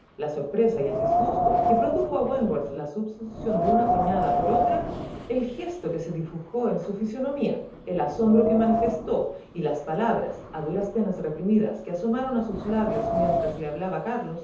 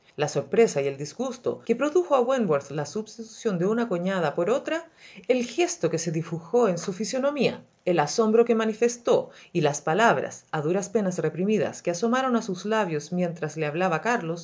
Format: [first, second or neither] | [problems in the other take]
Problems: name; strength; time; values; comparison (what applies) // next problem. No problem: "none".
second | background sound (Wind); 3 dB below the speech // room echo; dies away in 0.6 s